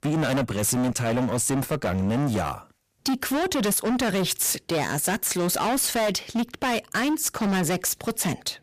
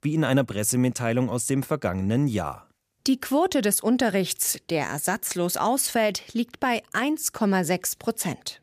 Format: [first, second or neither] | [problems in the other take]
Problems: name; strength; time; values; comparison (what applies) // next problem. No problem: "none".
second | distortion; heavy; 27% of the sound clipped